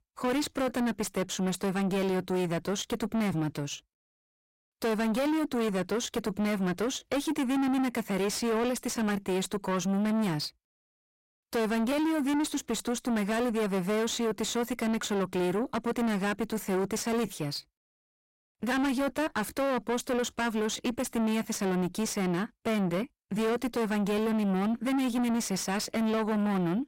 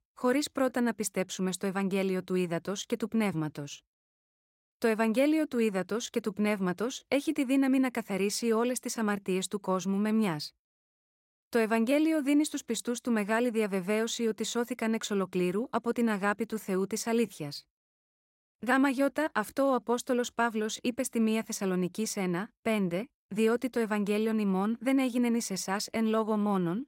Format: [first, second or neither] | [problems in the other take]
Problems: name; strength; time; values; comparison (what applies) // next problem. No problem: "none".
second | distortion; heavy; 7 dB below the speech